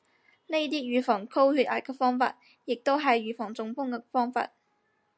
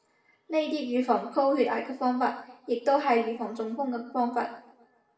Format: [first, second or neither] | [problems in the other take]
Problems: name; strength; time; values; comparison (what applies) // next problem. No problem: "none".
first | room echo; dies away in 0.6 s